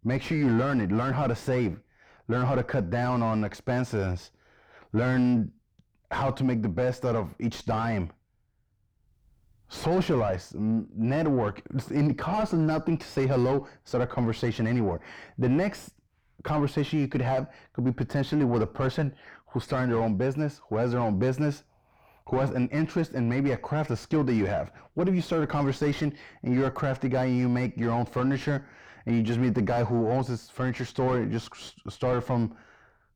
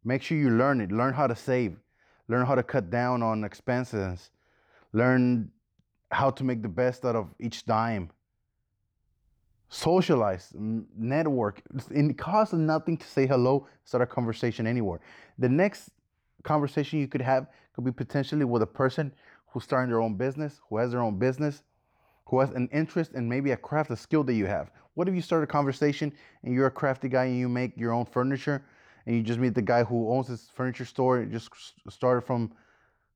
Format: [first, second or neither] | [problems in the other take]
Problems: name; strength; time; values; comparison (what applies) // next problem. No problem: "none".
second | distortion; heavy; 5 dB below the speech